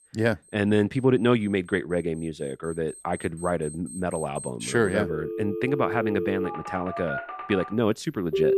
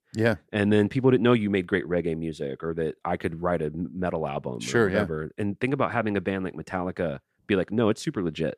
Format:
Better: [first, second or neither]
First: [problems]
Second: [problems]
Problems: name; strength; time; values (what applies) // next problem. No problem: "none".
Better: second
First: alarms or sirens; loud; throughout; 7 dB below the speech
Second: none